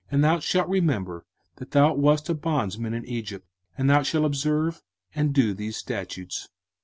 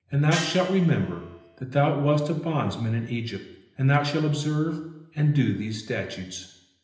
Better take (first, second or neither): first